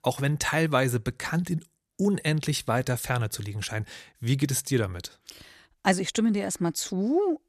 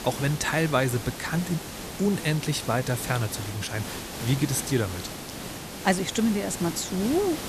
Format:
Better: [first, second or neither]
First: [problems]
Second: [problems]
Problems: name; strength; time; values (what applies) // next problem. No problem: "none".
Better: first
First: none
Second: hiss; loud; throughout; 8 dB below the speech